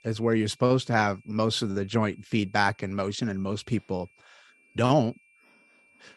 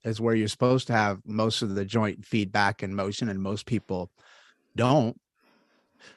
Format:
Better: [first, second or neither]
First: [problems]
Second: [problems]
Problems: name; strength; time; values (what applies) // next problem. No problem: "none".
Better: second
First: high-pitched whine; faint; throughout; 2.5 kHz, 35 dB below the speech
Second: none